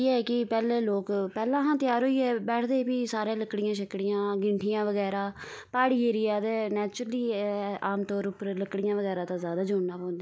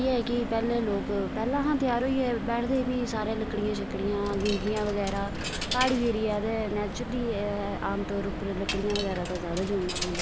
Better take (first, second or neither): first